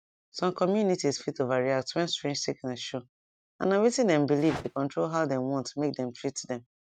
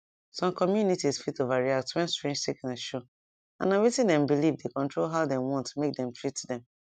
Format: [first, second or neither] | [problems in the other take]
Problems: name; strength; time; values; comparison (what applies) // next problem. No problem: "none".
second | noise reduction (neural mask model RNNoise)